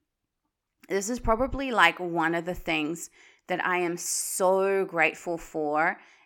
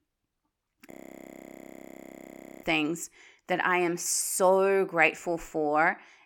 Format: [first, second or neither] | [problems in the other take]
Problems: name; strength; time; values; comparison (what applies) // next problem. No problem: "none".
first | audio freezing; at 1 s for 1.5 s